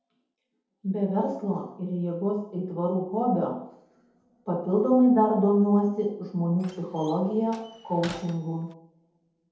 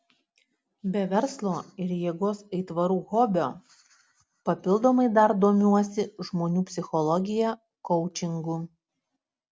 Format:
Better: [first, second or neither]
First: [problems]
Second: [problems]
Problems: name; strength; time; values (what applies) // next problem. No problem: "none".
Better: second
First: background sound (Slam); 19 dB below the speech // room echo; dies away in 0.8 s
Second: none